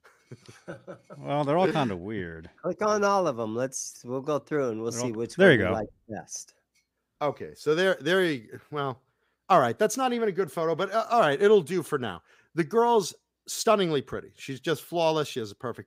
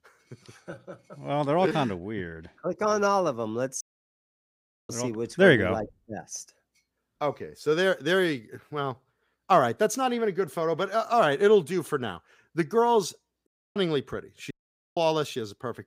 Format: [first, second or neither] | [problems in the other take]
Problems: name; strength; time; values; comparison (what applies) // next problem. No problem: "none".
first | audio cutting out; at 4 s for 1 s, at 13 s and at 15 s